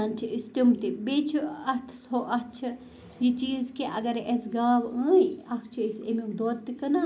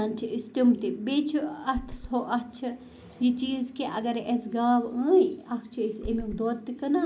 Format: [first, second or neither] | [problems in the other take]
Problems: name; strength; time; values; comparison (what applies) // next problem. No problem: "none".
first | background sound (Run); 11 dB below the speech